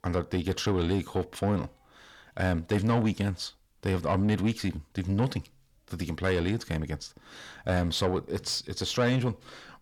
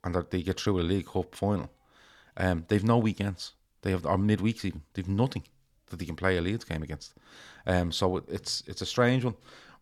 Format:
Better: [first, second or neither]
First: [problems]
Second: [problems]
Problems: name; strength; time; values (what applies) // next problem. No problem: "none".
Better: second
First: distortion; slight; 10 dB below the speech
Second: none